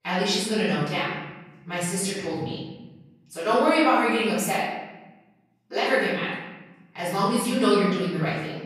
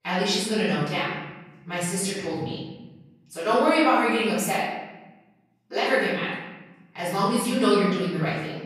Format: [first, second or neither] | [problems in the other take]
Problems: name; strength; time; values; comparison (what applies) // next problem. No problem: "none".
neither | off-mic speech; far; the same in both // room echo; strong; dies away in 1.1 s; the same in both